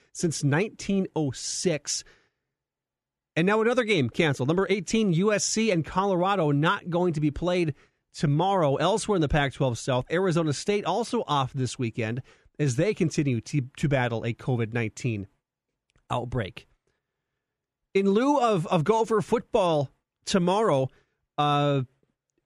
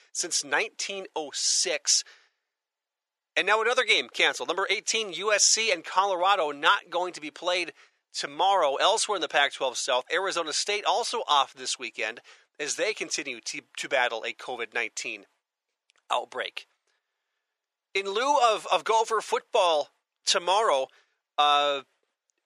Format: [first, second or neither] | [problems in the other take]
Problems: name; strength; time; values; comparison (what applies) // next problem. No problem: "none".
first | thin; very; fading below 600 Hz